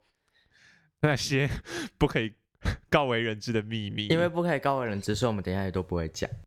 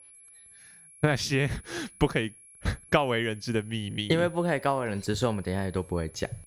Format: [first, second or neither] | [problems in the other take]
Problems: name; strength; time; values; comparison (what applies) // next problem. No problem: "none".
first | high-pitched whine; faint; throughout; 11 kHz, 20 dB below the speech